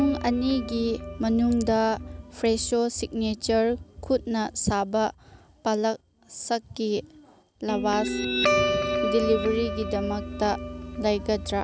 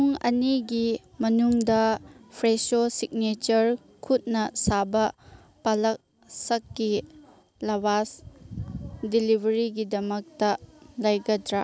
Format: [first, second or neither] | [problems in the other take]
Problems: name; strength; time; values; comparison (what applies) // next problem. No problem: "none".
second | background sound (Guitar); 6 dB below the speech